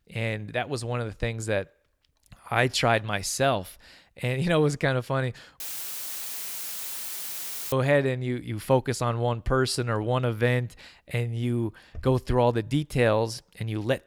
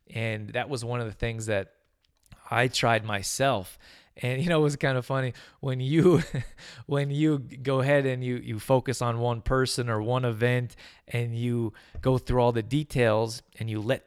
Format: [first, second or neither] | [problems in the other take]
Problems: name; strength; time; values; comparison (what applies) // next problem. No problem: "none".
second | audio cutting out; filled with static; at 5.5 s for 2 s